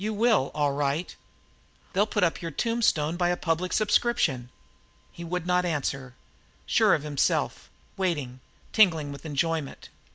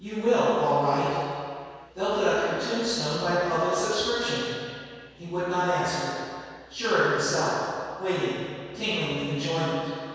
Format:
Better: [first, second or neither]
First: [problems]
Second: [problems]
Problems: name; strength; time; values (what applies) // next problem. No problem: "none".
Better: first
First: none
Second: room echo; dies away in 2.2 s